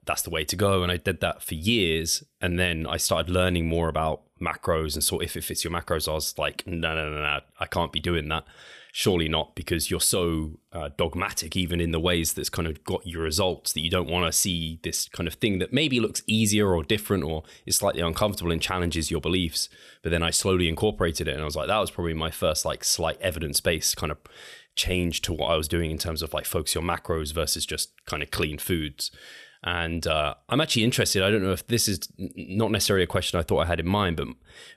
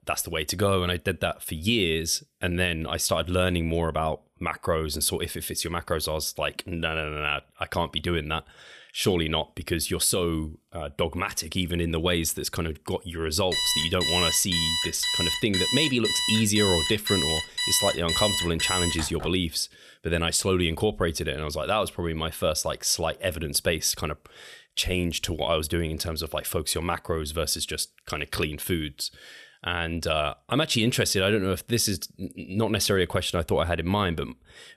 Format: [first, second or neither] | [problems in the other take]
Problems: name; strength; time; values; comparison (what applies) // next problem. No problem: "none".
first | alarm; loud; from 14 to 19 s; peak 3 dB above the speech